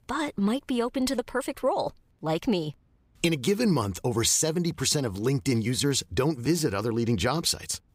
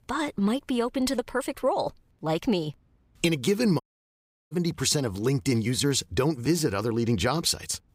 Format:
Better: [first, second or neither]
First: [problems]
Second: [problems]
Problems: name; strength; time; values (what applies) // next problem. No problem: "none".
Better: first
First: none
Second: audio cutting out; at 4 s for 0.5 s